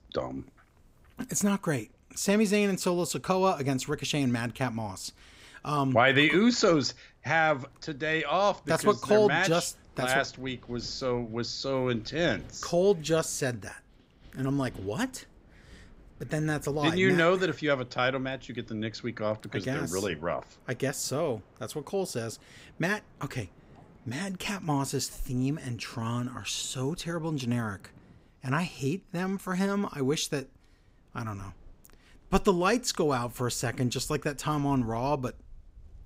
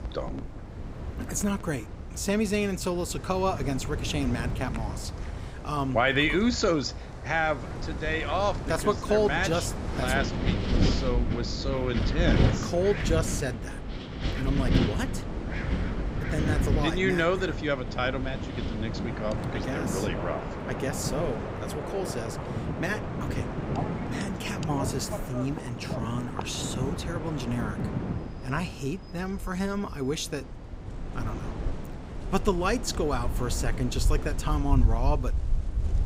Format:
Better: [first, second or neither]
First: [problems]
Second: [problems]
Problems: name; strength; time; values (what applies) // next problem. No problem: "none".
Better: first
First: wind in the background; faint; throughout; 30 dB below the speech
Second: wind in the background; loud; throughout; 2 dB below the speech